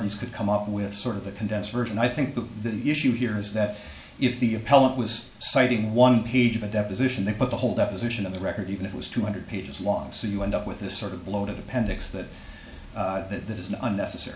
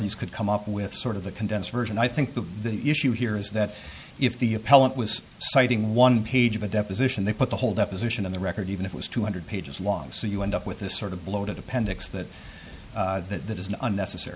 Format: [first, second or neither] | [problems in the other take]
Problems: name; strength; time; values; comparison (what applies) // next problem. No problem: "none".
second | room echo; dies away in 0.5 s